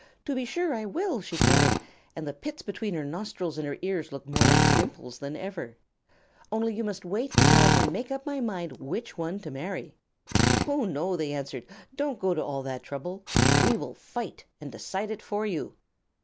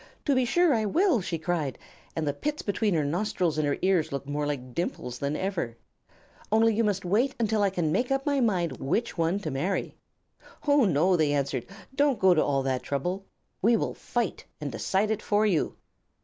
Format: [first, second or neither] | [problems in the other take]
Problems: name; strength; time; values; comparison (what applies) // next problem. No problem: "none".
second | background sound (Drill); 3 dB above the speech